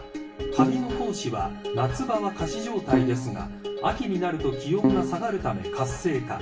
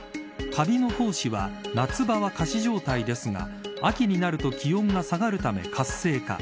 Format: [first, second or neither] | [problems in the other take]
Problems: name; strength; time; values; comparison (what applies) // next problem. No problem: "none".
second | background sound (Keyboard (musical)); 2 dB above the speech // room echo; dies away in 0.3 s